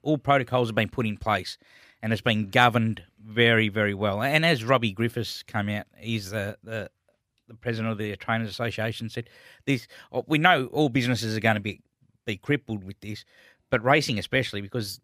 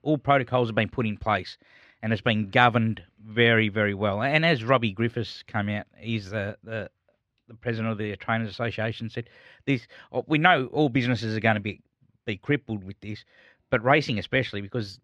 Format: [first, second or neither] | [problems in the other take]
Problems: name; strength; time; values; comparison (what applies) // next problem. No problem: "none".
first | muffled; very slightly; fading above 3.5 kHz